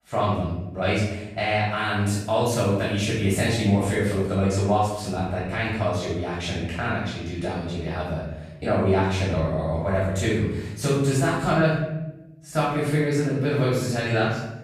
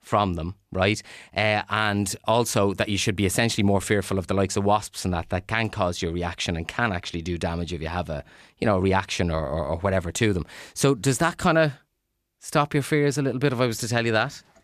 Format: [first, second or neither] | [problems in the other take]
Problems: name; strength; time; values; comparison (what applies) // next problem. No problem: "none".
second | off-mic speech; far // room echo; strong; dies away in 0.9 s